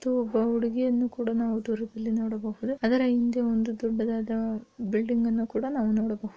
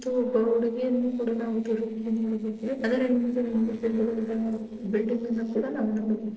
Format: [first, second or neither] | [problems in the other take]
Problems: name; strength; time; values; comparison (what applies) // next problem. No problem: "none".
first | noise reduction (neural separator model SepFormer DNS4)